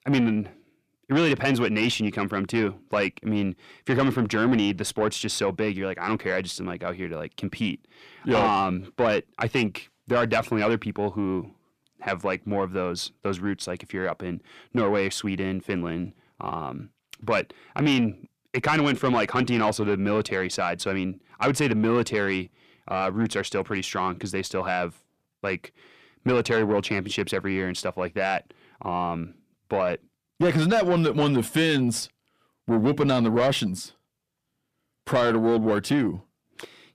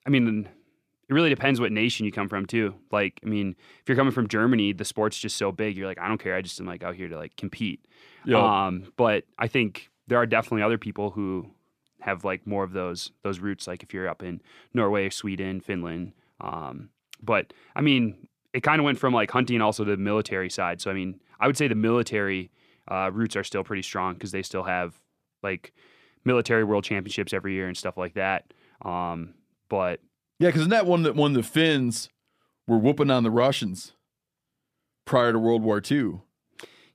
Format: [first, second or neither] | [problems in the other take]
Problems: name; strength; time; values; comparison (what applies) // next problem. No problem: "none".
second | distortion; slight; 10 dB below the speech